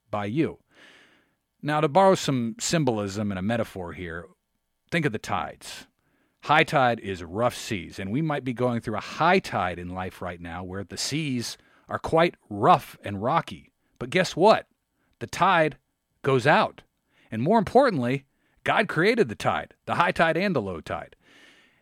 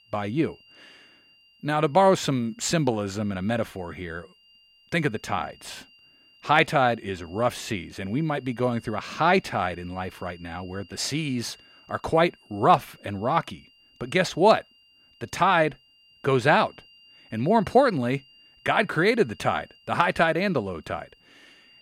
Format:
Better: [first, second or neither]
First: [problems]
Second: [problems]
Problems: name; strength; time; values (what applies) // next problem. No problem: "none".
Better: first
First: none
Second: high-pitched whine; faint; throughout; 3 kHz, 30 dB below the speech